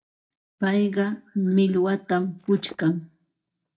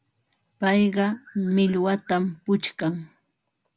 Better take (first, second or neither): second